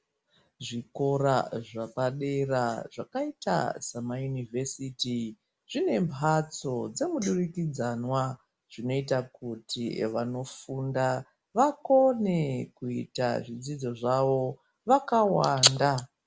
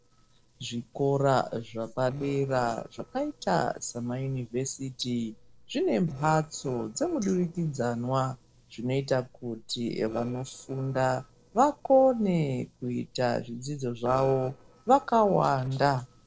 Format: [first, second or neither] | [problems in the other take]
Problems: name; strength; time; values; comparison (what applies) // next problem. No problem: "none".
first | noise reduction (neural separator model SepFormer DNS4)